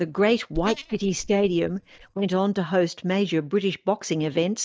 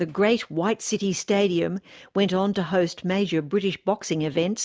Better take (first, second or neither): second